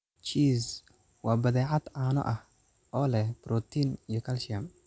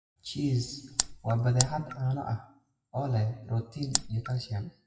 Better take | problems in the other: first | noise reduction (classical method WPE with log-MMSE)

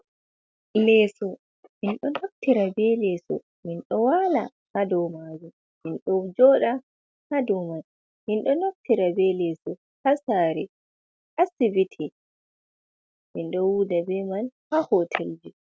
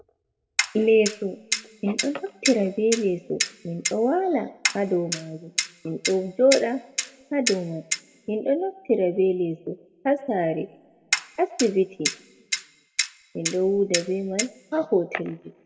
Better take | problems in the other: first | background sound (Clock); 6 dB below the speech // room echo; dies away in 1.2 s

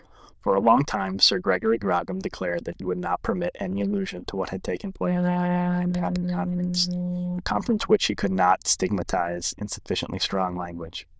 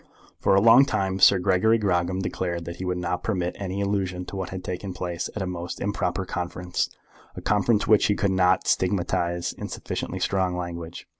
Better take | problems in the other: second | noise reduction (neural diffusion model UNIVERSE++)

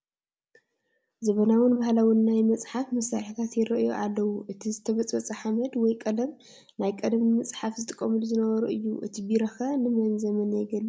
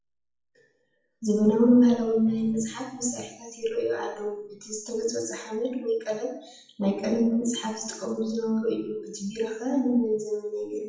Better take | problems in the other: first | noise reduction (classical method WPE with log-MMSE)

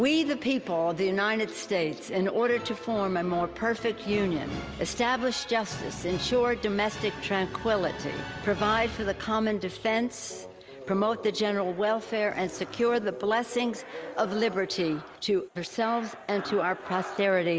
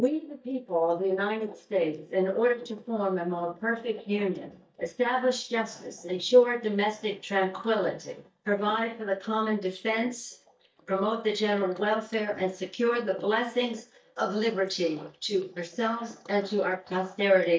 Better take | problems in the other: first | noise reduction (neural mask model DeepFilterNet 3)

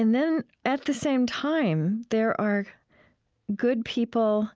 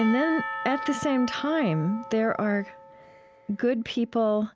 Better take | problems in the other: first | background sound (Church bell / Percussion); 11 dB below the speech

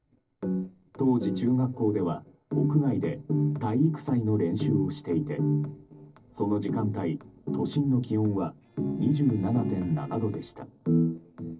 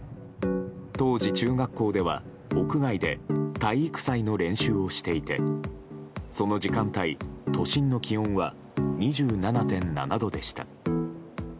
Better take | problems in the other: second | noise reduction (neural separator model SepFormer DNS4)

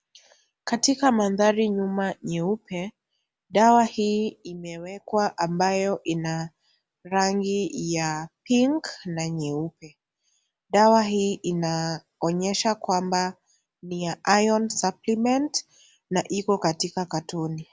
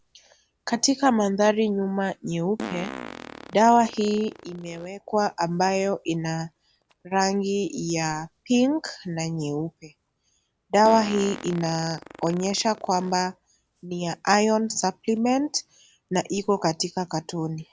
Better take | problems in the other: first | background sound (Fart); 19 dB below the speech

